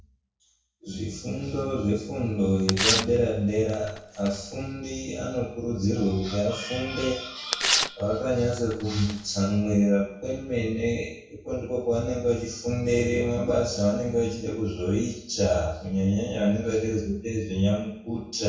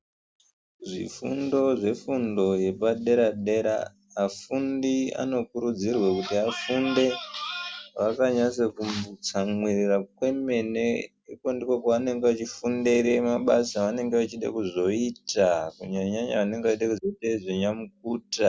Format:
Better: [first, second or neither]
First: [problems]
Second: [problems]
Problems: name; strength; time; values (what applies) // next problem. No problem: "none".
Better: second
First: background sound (Tearing); 4 dB below the speech // room echo; dies away in 0.6 s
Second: none